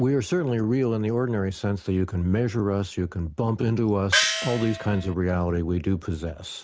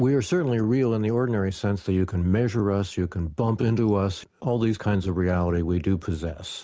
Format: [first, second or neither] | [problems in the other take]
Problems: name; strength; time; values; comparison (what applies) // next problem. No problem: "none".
second | background sound (Gong); 1 dB below the speech